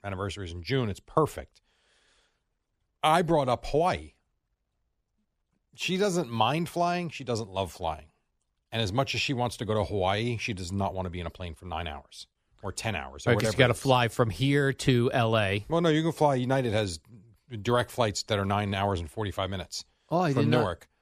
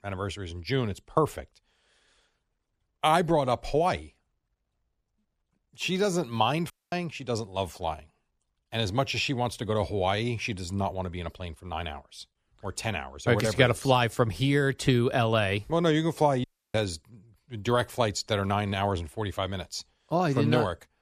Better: first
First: none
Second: audio cutting out; at 6.5 s and at 16 s

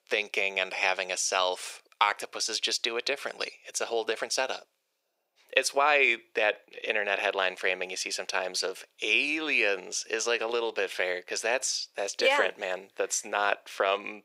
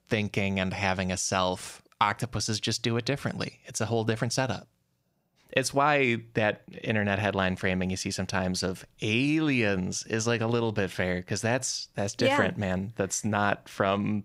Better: second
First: thin; very; fading below 400 Hz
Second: none

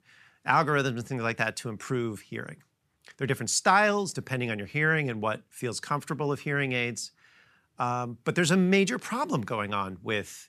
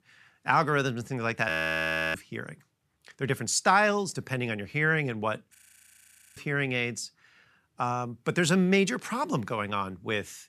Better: first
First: none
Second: audio freezing; at 1.5 s for 0.5 s and at 5.5 s for 1 s

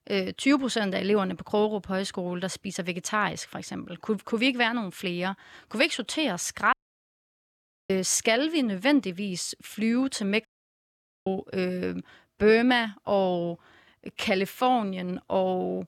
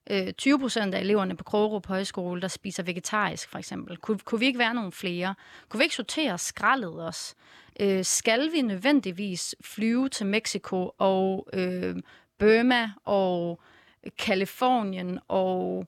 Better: second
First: audio cutting out; at 6.5 s for 1 s and at 10 s for 1 s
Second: none

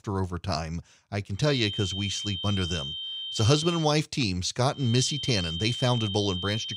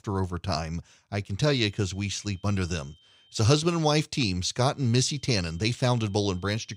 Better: second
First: high-pitched whine; loud; from 1.5 to 4 s and from 5 s on; 3 kHz, 5 dB below the speech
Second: high-pitched whine; faint; from 1.5 to 4 s and from 5 s on; 3 kHz, 30 dB below the speech

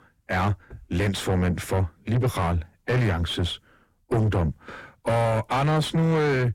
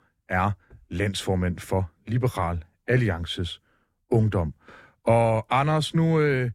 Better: second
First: distortion; heavy; 6 dB below the speech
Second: none

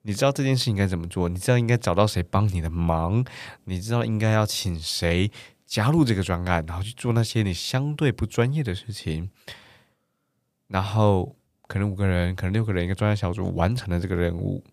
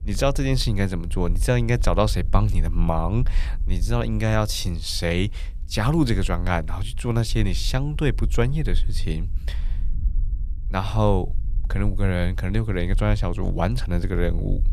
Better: first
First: none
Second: low rumble; faint; throughout; 25 dB below the speech

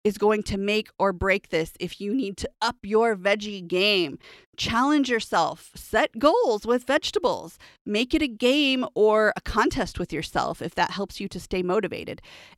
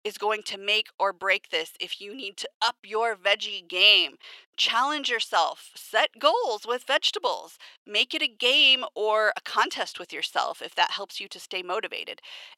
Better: first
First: none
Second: thin; very; fading below 750 Hz

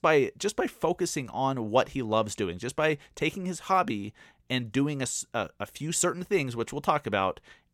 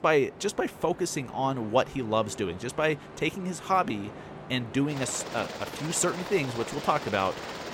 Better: first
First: none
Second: train or aircraft noise; noticeable; throughout; 10 dB below the speech

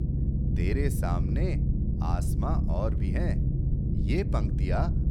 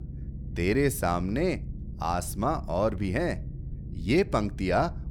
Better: second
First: low rumble; loud; throughout; 4 dB below the speech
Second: low rumble; faint; throughout; 20 dB below the speech

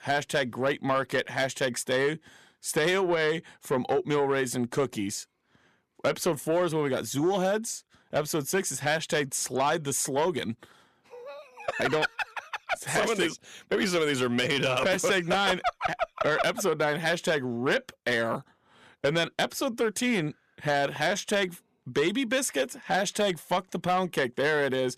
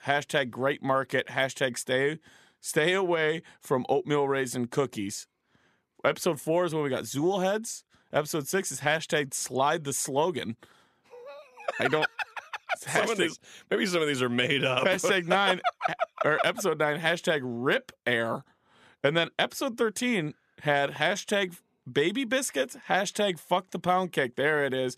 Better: second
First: distortion; slight; 10 dB below the speech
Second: none

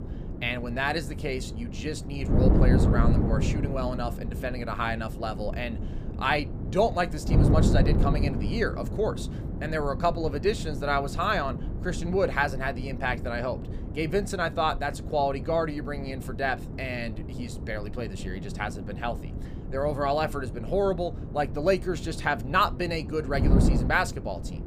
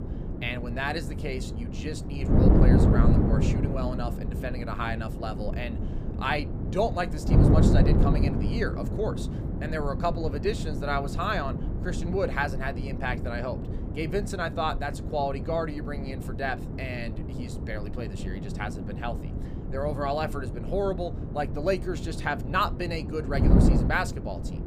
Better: first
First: wind noise on the microphone; occasional gusts; 10 dB below the speech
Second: wind noise on the microphone; heavy; 5 dB below the speech

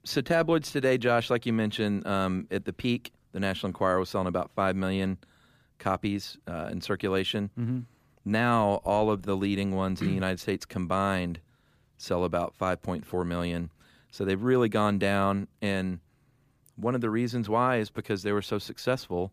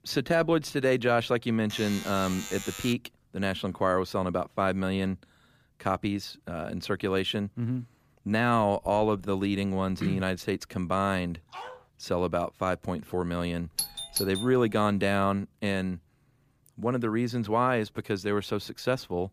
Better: first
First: none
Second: alarm; noticeable; from 1.5 to 3 s; peak 9 dB below the speech // dog barking; faint; at 12 s; peak 15 dB below the speech // doorbell; noticeable; at 14 s; peak 2 dB below the speech

